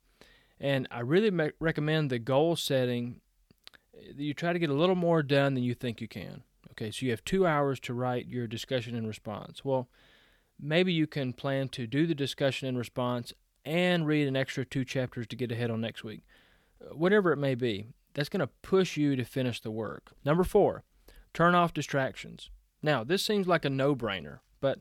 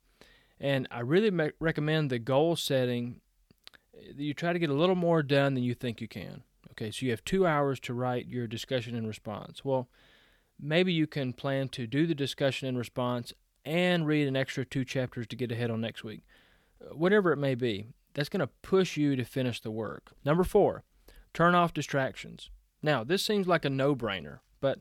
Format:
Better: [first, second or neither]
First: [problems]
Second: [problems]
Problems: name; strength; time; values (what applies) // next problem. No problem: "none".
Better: neither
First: none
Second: none